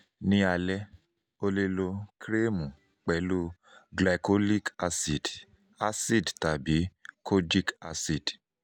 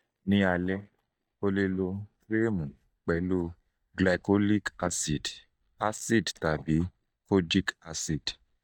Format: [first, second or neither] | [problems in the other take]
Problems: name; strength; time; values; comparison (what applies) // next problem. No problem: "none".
first | noise reduction (neural mask model DeepFilterNet 3)